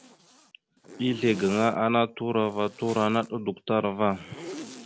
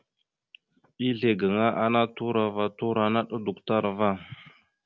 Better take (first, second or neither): second